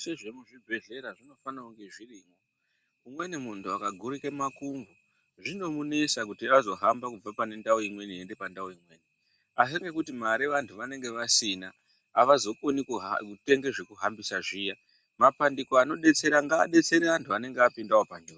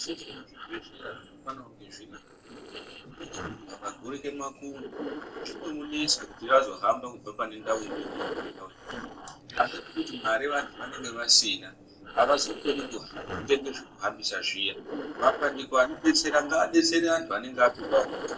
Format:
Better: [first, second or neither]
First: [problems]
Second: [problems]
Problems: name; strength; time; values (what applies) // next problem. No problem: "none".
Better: first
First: none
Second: noise reduction (neural separator model SepFormer DNS4)